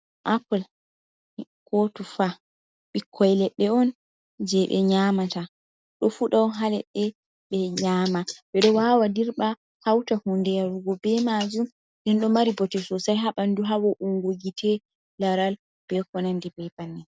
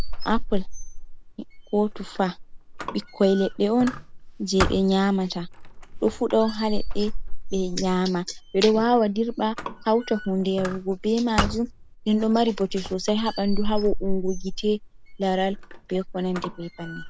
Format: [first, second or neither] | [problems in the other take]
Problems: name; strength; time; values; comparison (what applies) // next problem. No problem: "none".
first | background sound (Squeak); 4 dB below the speech